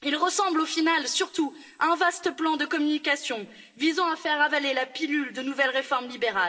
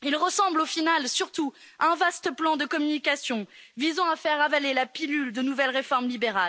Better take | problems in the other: second | room echo; dies away in 1.1 s

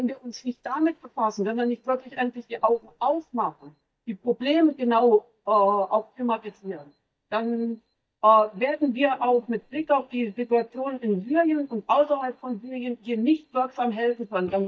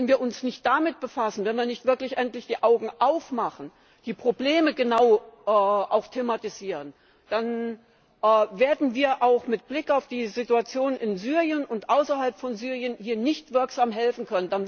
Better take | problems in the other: second | noise reduction (neural mask model DeepFilterNet 3)

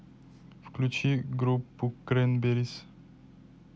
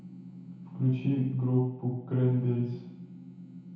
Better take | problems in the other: first | background sound (Telephone); 19 dB below the speech // room echo; dies away in 0.8 s

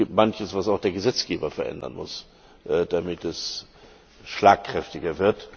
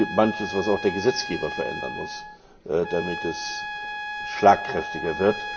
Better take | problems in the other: first | background sound (Trumpet); 8 dB below the speech // room echo; dies away in 1 s

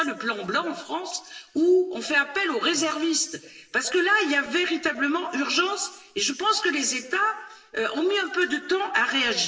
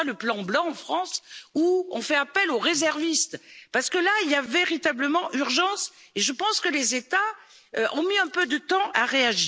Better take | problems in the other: second | room echo; dies away in 1 s

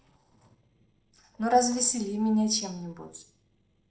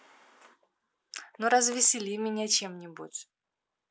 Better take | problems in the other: second | noise reduction (neural separator model SepFormer DNS4)

